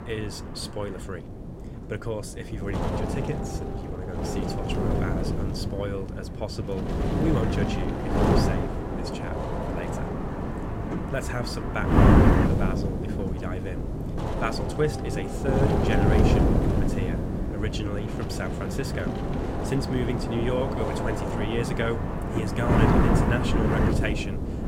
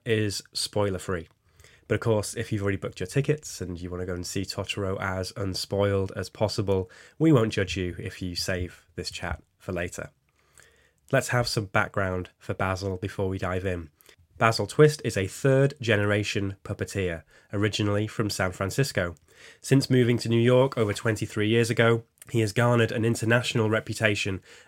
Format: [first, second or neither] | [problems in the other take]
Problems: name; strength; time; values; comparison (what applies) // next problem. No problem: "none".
second | wind noise on the microphone; heavy; 4 dB above the speech